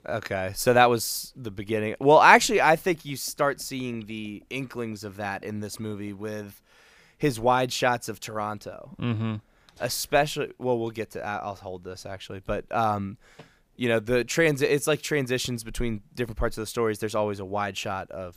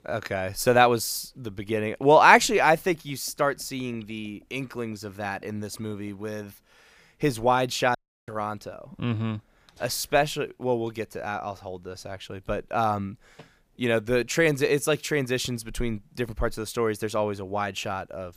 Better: first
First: none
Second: audio cutting out; at 8 s

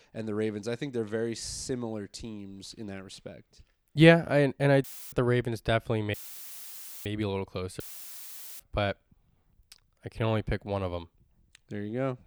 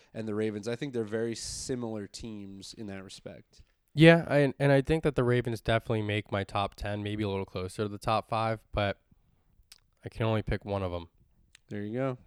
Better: second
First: audio cutting out; filled with static; at 5 s, at 6 s for 1 s and at 8 s for 1 s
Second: none

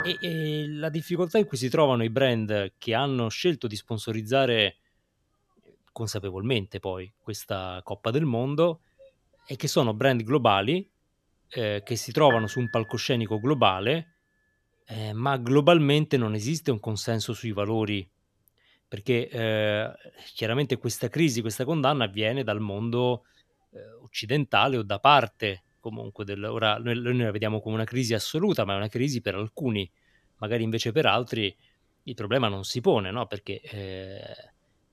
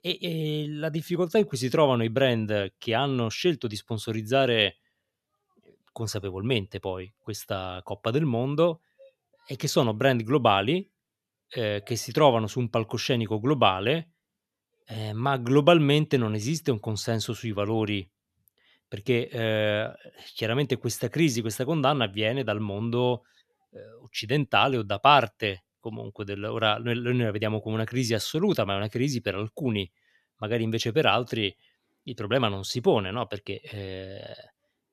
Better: second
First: background music; noticeable; throughout; 10 dB below the speech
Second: none

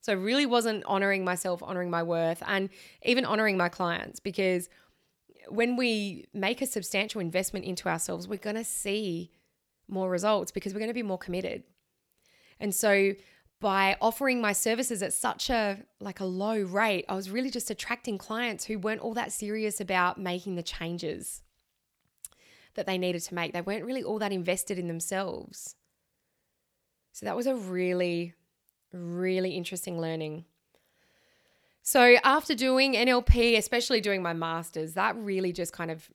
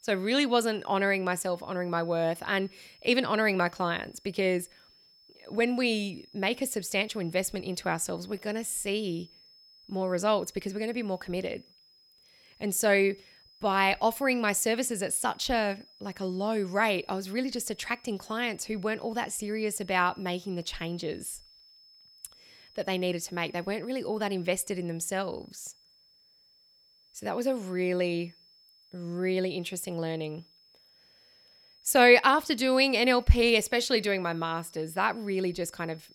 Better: first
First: none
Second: high-pitched whine; faint; throughout; 5 kHz, 25 dB below the speech

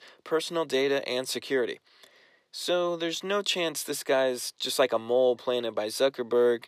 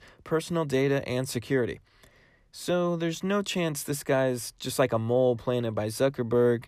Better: second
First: thin; somewhat; fading below 400 Hz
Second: none

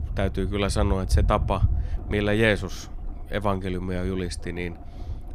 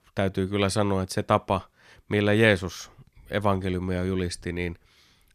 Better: second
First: low rumble; noticeable; throughout; 20 dB below the speech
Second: none

